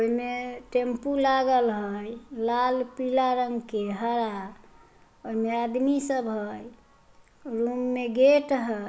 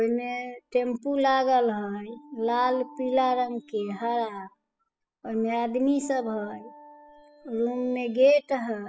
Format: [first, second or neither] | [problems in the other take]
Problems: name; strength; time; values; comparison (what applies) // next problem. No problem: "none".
first | noise reduction (classical method spectral subtraction)